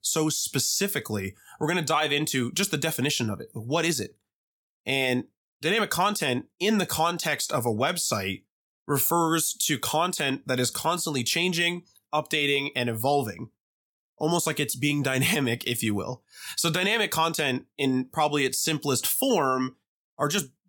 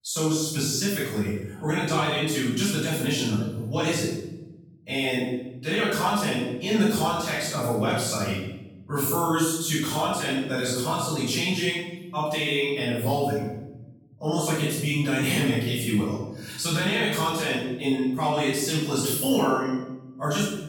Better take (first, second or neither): first